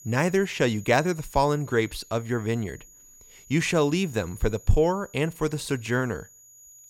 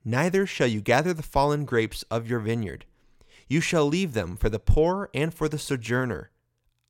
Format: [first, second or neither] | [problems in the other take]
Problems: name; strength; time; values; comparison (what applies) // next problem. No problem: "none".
second | high-pitched whine; faint; throughout; 7 kHz, 20 dB below the speech